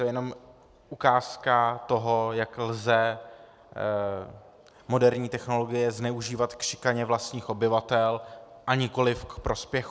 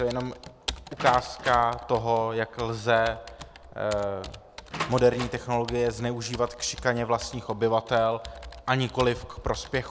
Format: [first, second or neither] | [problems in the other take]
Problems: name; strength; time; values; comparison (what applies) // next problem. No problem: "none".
first | background sound (Computer keyboard + Door); 13 dB below the speech